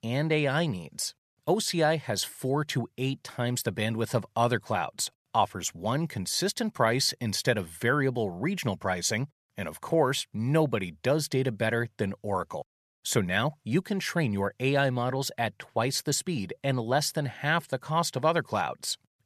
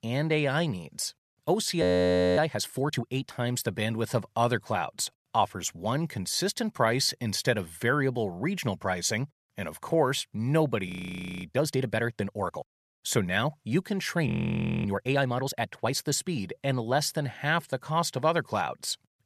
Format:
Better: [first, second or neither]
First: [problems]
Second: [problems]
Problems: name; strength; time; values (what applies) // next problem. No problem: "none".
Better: first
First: none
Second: audio freezing; at 2 s for 0.5 s, at 11 s for 0.5 s and at 14 s for 0.5 s